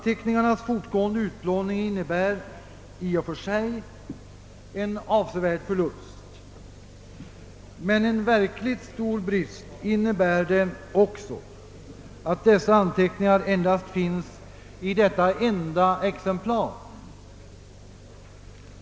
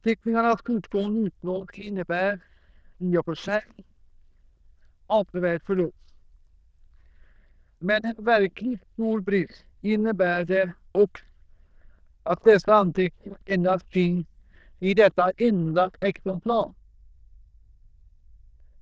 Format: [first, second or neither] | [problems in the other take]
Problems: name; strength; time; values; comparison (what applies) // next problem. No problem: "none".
first | noise reduction (neural diffusion model UNIVERSE++)